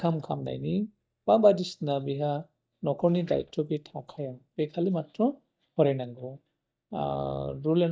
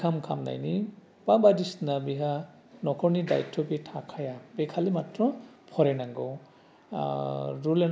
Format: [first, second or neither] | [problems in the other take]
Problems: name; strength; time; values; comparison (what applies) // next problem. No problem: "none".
second | noise reduction (neural mask model DeepFilterNet 3)